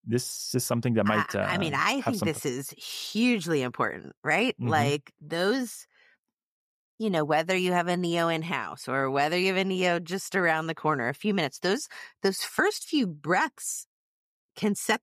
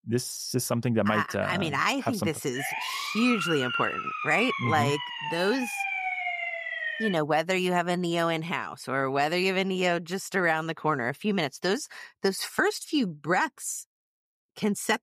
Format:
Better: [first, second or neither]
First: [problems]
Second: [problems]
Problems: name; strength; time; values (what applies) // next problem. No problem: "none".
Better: first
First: none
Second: siren; noticeable; from 2.5 to 7 s; peak 1 dB below the speech